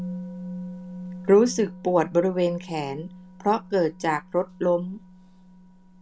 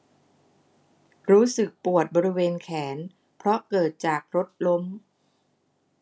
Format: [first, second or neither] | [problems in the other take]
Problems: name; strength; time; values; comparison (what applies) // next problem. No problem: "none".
second | background sound (Musical instrument); 14 dB below the speech